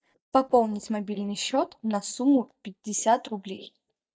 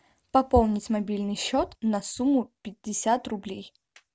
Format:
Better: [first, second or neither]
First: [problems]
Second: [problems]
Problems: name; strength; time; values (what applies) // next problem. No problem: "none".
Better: second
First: noise reduction (neural mask model DeepFilterNet 3)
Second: none